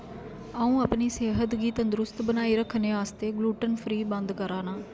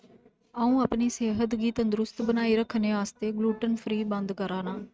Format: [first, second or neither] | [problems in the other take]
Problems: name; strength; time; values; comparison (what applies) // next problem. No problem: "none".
first | noise reduction (neural mask model RNNoise)